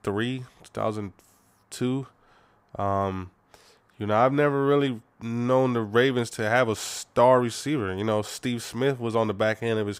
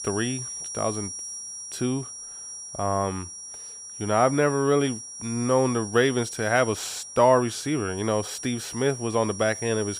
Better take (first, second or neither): first